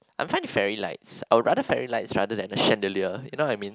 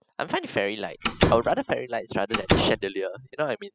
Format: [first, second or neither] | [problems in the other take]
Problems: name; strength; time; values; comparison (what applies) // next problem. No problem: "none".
first | noise reduction (classical method spectral subtraction)